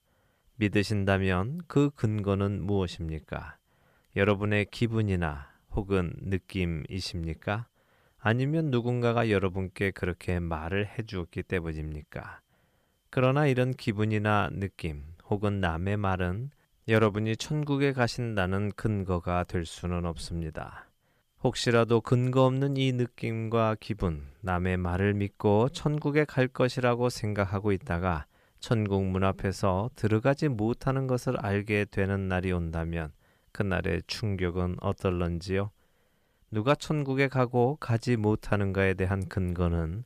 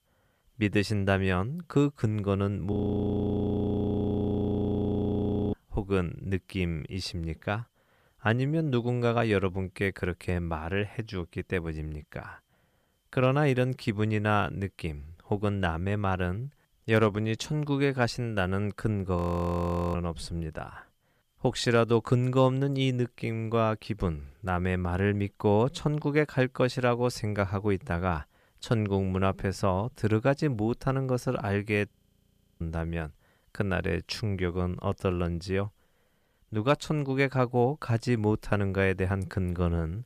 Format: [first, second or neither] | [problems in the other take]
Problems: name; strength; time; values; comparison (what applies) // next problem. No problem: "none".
first | audio freezing; at 2.5 s for 3 s, at 19 s for 1 s and at 32 s for 0.5 s